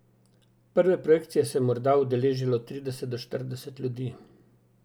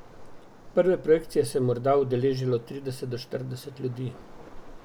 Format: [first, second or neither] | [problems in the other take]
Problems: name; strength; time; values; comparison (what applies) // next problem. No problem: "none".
first | background sound (Waves, surf); 17 dB below the speech